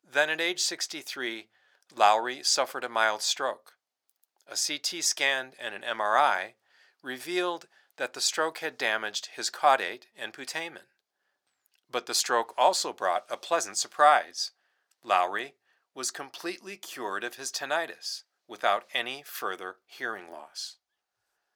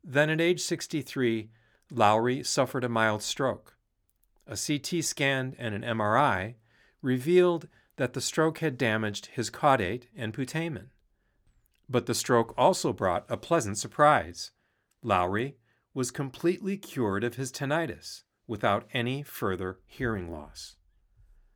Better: second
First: thin; very; fading below 650 Hz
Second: none

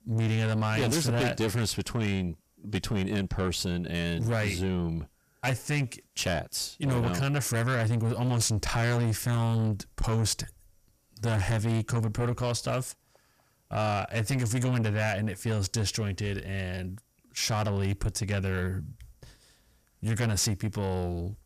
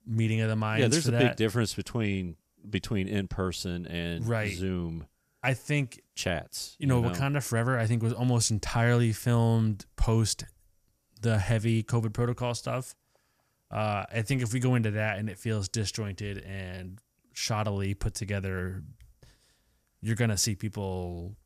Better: second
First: distortion; heavy; 7 dB below the speech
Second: none

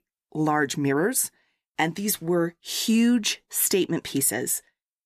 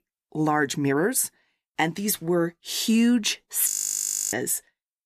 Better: first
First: none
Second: audio freezing; at 3.5 s for 0.5 s

